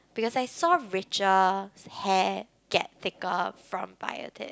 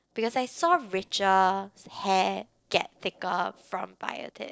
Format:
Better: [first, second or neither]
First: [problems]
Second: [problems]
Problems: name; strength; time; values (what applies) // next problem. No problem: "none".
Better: first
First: none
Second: noise reduction (neural separator model SepFormer DNS4)